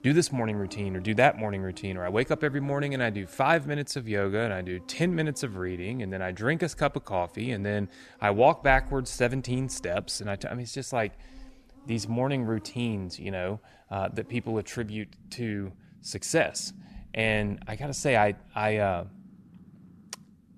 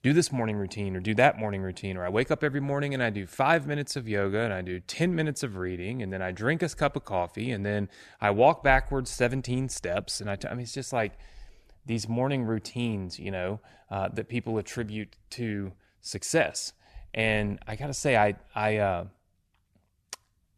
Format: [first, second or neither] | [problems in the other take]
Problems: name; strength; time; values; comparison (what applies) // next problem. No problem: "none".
second | animal sounds; faint; throughout; 25 dB below the speech